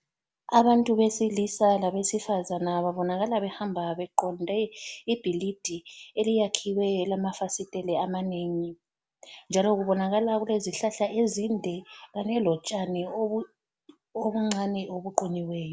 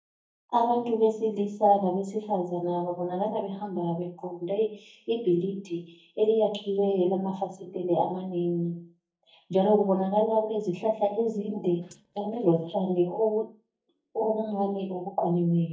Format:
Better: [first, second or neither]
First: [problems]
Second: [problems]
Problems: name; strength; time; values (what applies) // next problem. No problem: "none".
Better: first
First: none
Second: noise reduction (neural mask model DeepFilterNet 3)